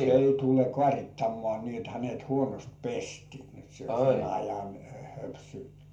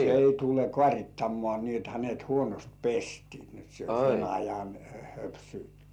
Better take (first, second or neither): second